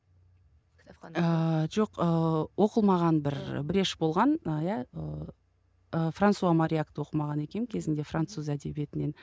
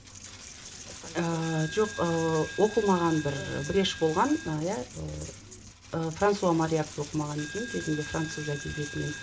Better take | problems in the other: first | background sound (Coin (dropping)); 12 dB below the speech // room echo; dies away in 0.4 s

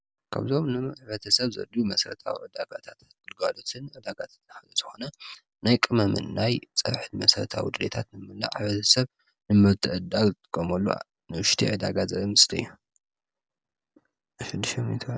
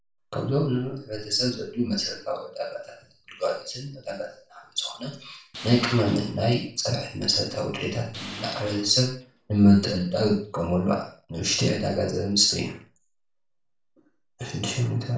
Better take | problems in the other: first | background sound (Tools); 15 dB below the speech // room echo; dies away in 0.4 s

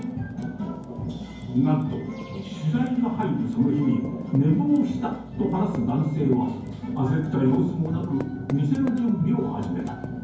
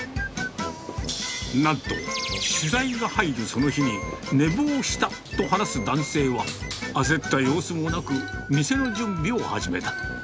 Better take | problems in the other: second | background sound (Typing); 19 dB below the speech // room echo; dies away in 0.9 s

